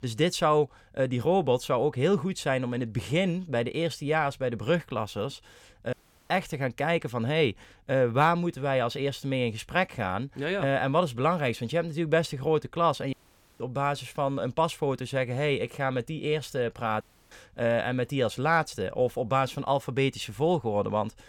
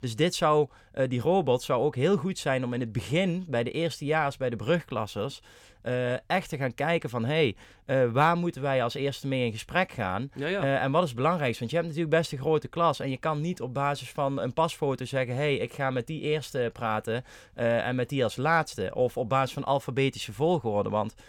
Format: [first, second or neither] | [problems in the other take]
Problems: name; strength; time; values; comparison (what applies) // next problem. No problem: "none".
second | audio cutting out; at 6 s, at 13 s and at 17 s